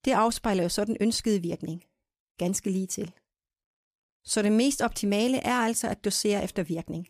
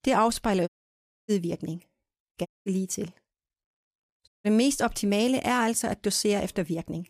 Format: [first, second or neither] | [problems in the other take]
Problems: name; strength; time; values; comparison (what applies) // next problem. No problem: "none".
first | audio cutting out; at 0.5 s for 0.5 s, at 2.5 s and at 4.5 s